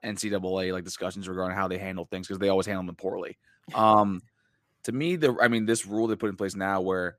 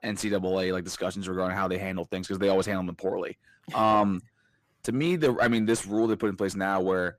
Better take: first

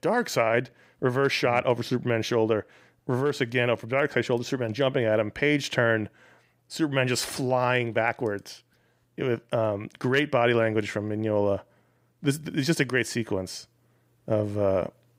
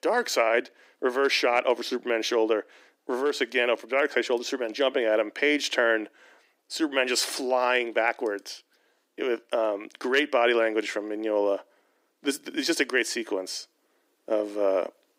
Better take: first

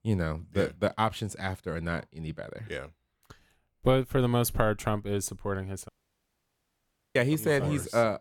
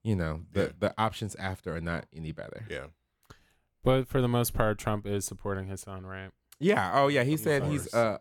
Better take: second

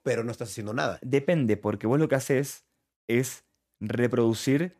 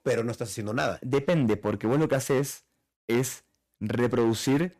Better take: first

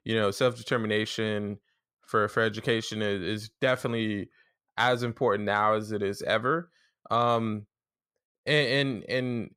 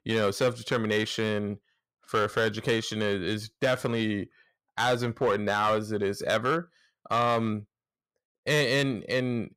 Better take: first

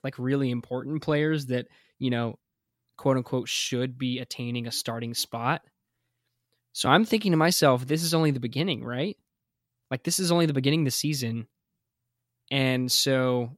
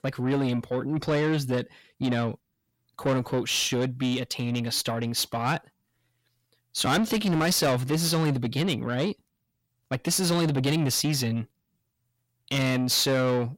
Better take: first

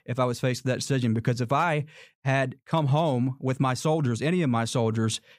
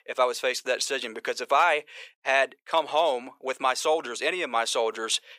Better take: first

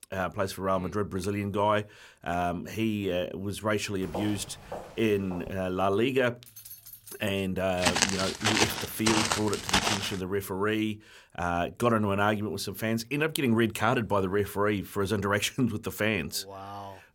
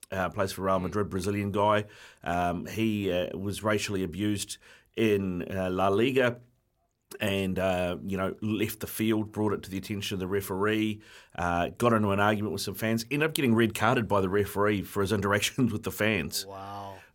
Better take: second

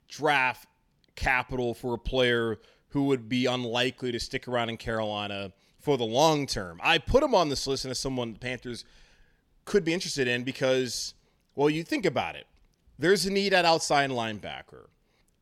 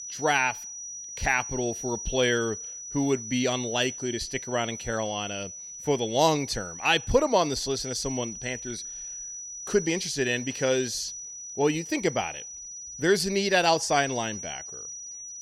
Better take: first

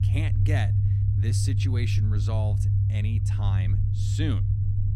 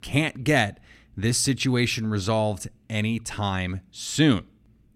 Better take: second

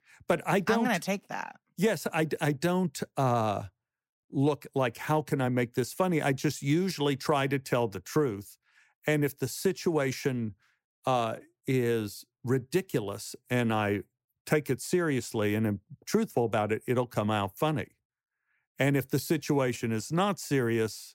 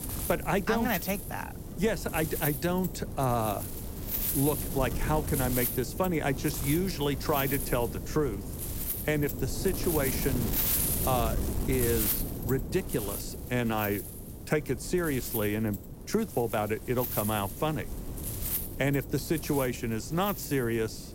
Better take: first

